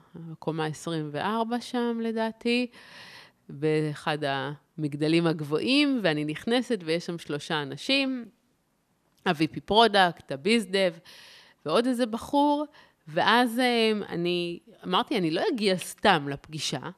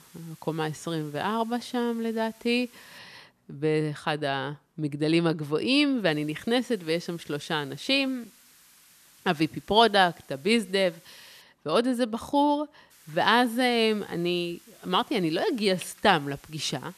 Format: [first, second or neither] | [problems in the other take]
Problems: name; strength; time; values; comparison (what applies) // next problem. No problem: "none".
first | hiss; faint; until 3 s, from 6 to 11 s and from 13 s on; 25 dB below the speech